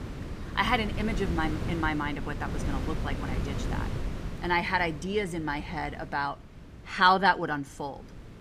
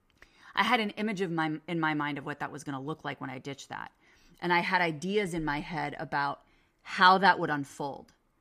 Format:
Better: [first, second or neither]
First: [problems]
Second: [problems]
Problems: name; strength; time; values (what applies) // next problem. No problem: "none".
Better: second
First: wind noise on the microphone; occasional gusts; 15 dB below the speech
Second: none